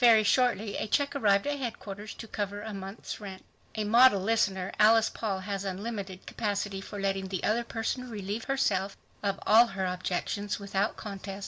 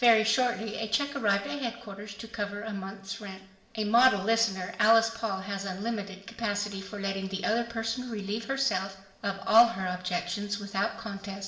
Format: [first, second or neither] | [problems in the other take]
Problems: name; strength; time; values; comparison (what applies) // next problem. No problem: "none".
first | room echo; dies away in 0.8 s